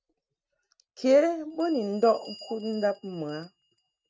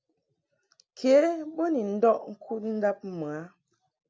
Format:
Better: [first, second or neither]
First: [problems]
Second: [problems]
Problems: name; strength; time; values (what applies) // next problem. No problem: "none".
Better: second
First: noise reduction (neural mask model RNNoise)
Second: none